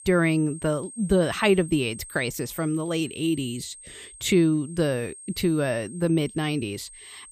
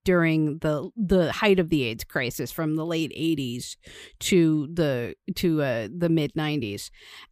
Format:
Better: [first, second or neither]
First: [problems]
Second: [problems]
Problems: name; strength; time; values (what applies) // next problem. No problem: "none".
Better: second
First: high-pitched whine; noticeable; throughout; 8.5 kHz, 15 dB below the speech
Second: none